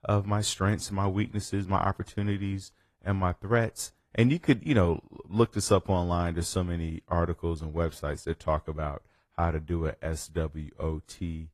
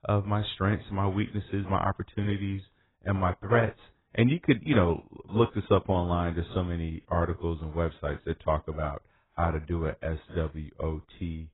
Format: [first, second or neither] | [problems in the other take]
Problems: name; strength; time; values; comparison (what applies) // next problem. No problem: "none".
first | garbled, watery; badly; nothing above 4 kHz; slightly in the first